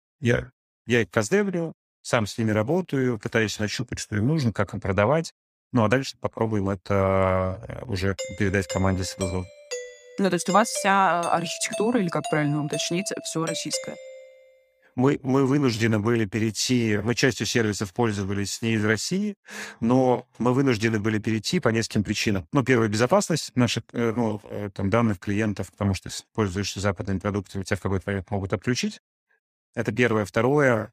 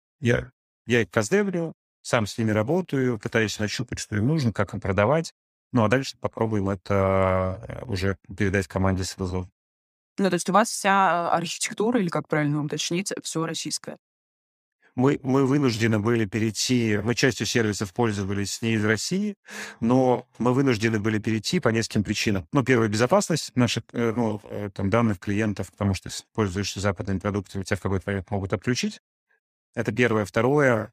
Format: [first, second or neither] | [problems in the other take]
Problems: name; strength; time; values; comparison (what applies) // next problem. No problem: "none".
second | doorbell; noticeable; from 8 to 14 s; peak 8 dB below the speech